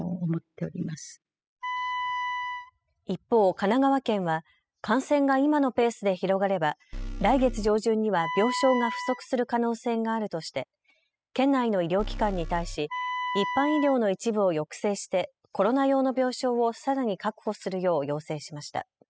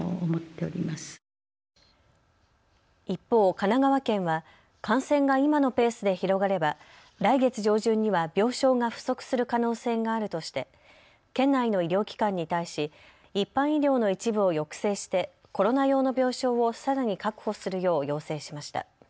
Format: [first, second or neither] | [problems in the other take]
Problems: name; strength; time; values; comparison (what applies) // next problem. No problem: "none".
second | noise reduction (classical method spectral subtraction)